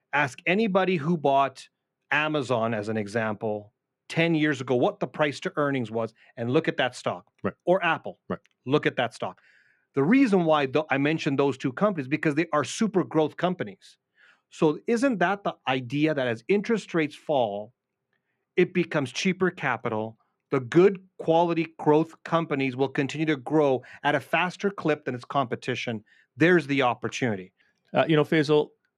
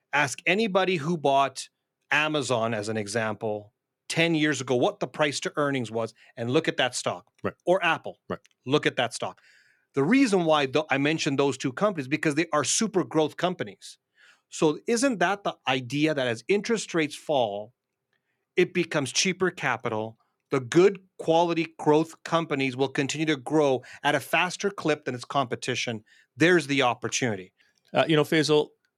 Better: second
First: muffled; slightly; fading above 4 kHz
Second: none

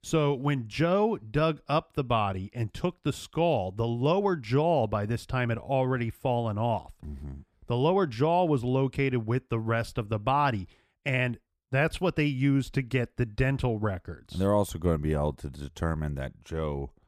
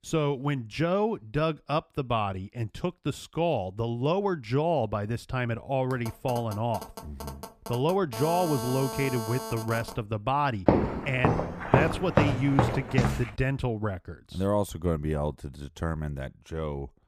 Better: first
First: none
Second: phone ringing; noticeable; from 6 to 10 s; peak 5 dB below the speech // footsteps; loud; from 11 to 13 s; peak 5 dB above the speech

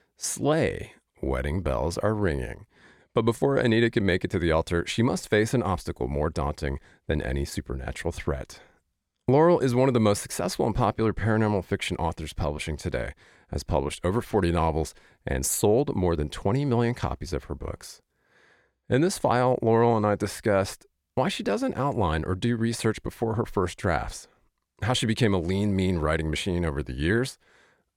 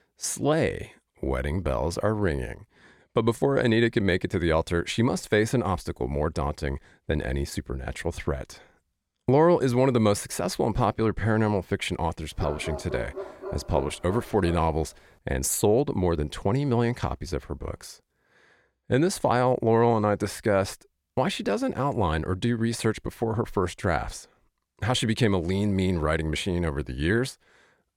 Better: first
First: none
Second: dog barking; noticeable; from 12 to 15 s; peak 10 dB below the speech

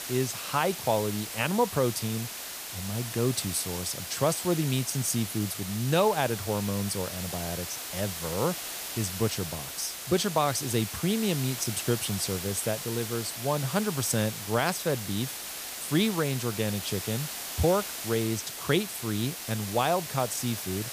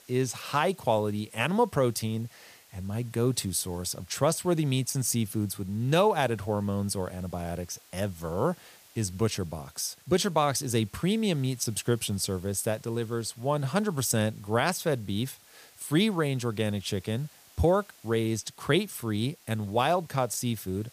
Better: second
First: hiss; loud; throughout; 6 dB below the speech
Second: hiss; faint; throughout; 25 dB below the speech

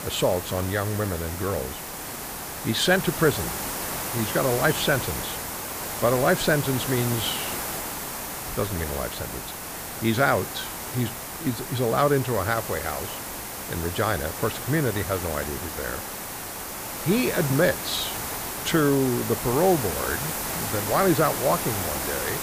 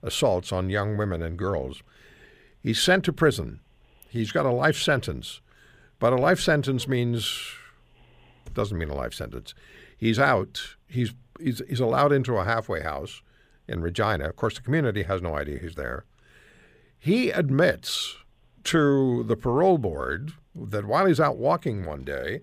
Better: second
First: hiss; loud; throughout; 5 dB below the speech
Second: none

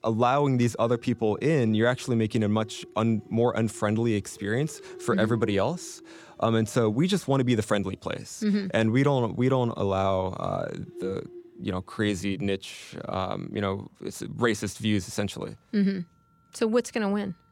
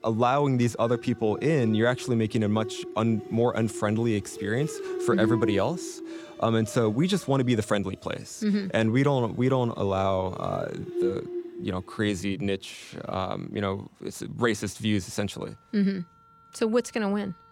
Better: first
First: background music; faint; throughout; 20 dB below the speech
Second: background music; loud; throughout; 9 dB below the speech

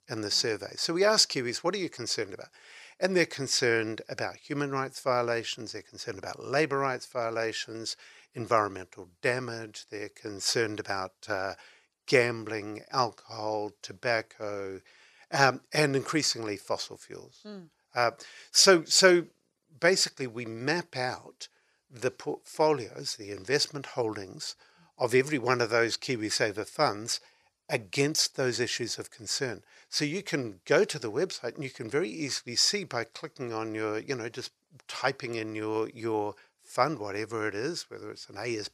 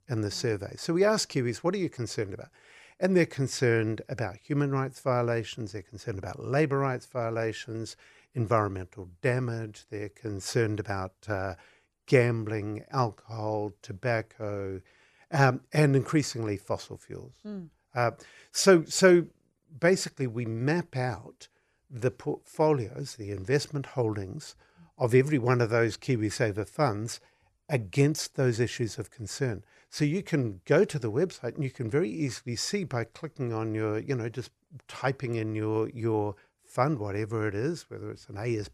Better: second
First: thin; somewhat; fading below 1 kHz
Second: none

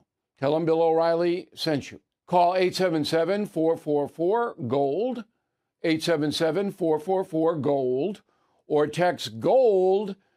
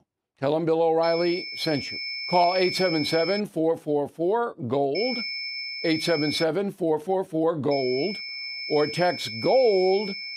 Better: first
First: none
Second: high-pitched whine; loud; from 1 to 3.5 s, from 5 to 6.5 s and from 7.5 s on; 5.5 kHz, 6 dB below the speech

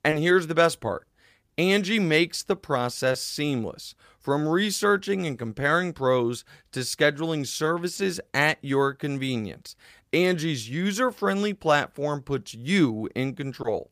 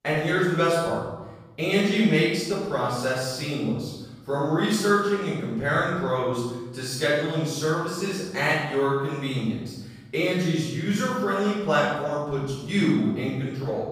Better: first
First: none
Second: off-mic speech; far // room echo; strong; dies away in 1 s

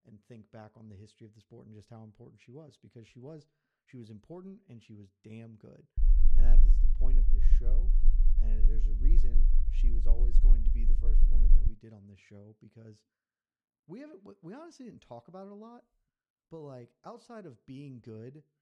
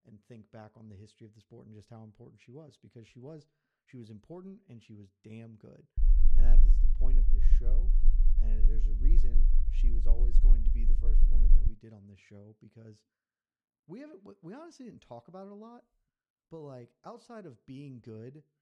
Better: neither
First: low rumble; loud; from 6 to 12 s; 4 dB below the speech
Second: low rumble; loud; from 6 to 12 s; 4 dB below the speech

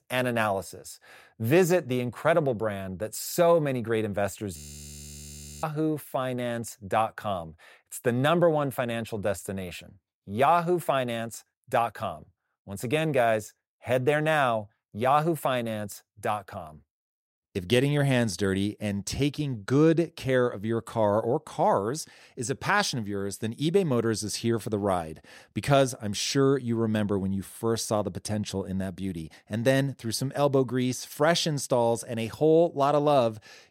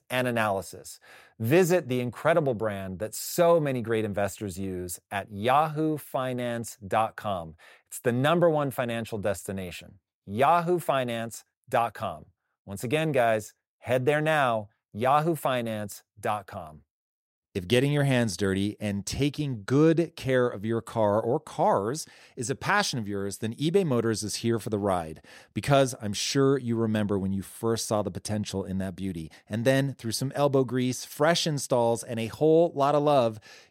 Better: second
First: audio freezing; at 4.5 s for 1 s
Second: none

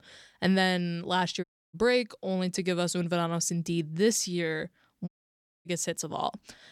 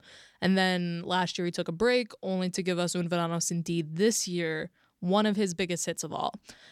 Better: second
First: audio cutting out; at 1.5 s and at 5 s for 0.5 s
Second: none

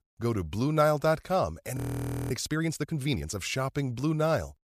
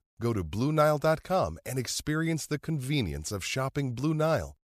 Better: second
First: audio freezing; at 2 s for 0.5 s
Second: none

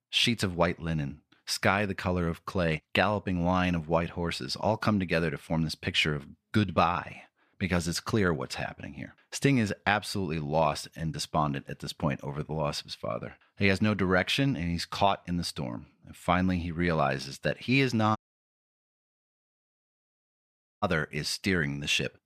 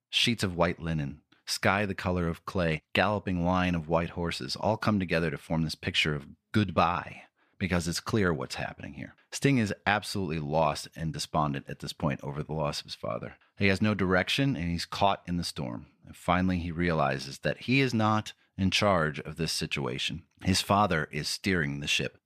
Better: second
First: audio cutting out; at 18 s for 2.5 s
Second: none

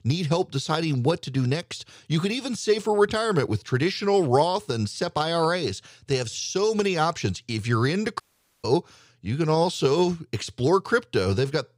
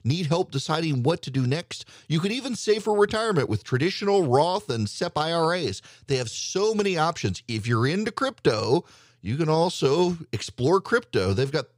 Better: second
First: audio cutting out; at 8 s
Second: none

